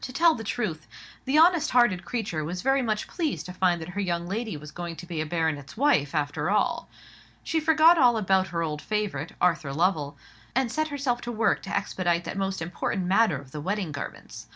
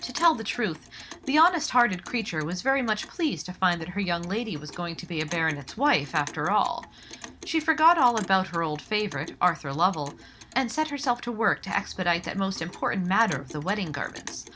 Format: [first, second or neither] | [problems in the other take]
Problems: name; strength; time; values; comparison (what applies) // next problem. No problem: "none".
first | background sound (Clock); 19 dB below the speech